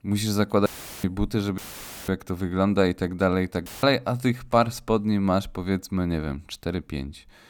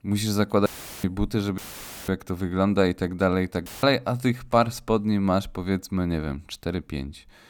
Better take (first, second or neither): neither